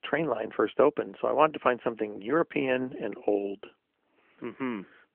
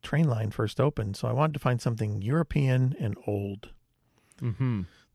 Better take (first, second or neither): second